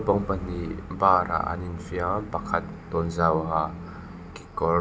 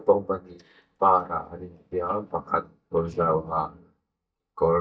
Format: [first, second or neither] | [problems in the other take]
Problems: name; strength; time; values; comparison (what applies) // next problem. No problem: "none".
first | noise reduction (neural mask model DeepFilterNet 3)